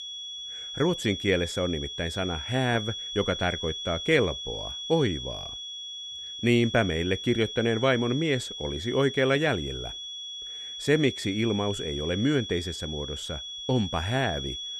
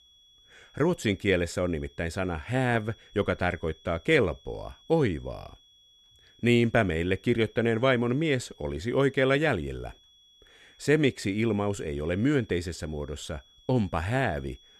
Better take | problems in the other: second | high-pitched whine; loud; throughout; 3.5 kHz, 7 dB below the speech; faint in the second

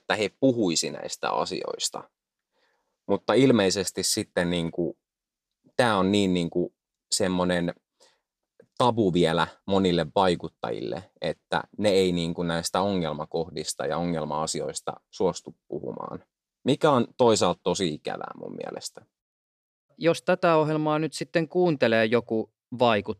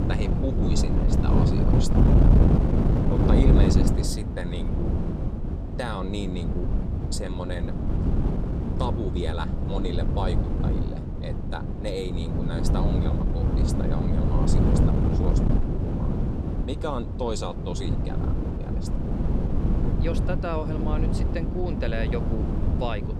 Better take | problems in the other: first | wind noise on the microphone; heavy; 1 dB above the speech

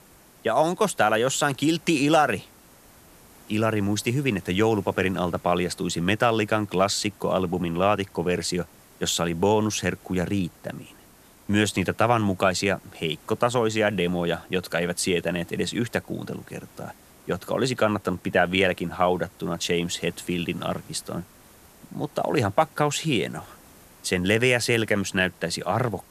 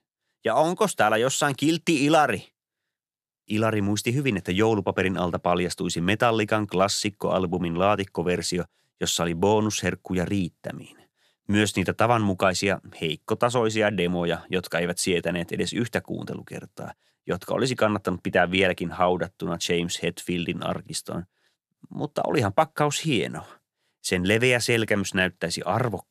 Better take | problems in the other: second | hiss; faint; throughout; 25 dB below the speech

